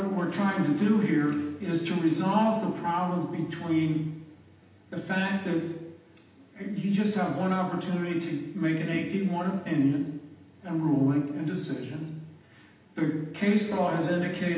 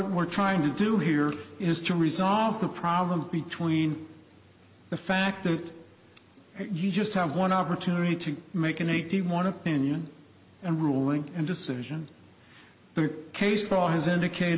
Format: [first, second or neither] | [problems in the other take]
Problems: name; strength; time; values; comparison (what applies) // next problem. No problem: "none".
second | room echo; dies away in 0.8 s